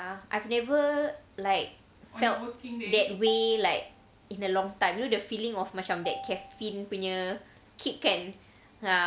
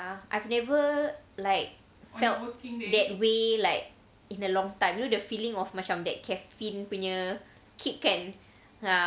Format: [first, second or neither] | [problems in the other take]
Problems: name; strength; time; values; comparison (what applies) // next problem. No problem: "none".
second | background sound (Marimba, xylophone); 15 dB below the speech